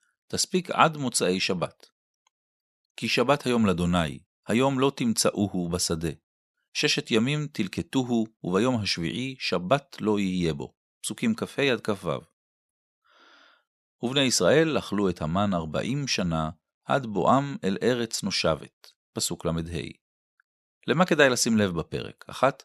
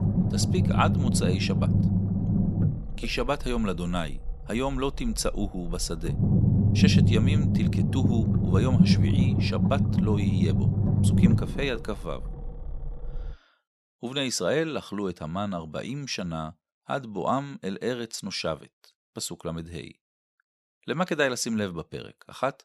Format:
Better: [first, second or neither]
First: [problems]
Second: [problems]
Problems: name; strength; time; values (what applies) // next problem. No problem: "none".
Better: first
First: none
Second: low rumble; loud; until 13 s; 2 dB below the speech